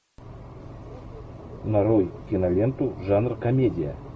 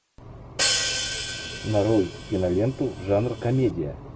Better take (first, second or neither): first